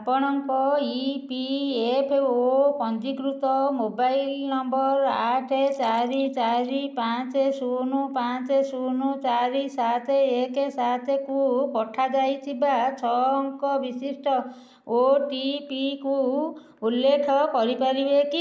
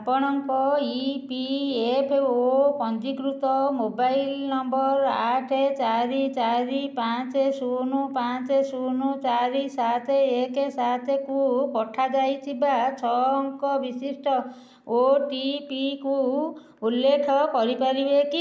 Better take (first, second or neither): second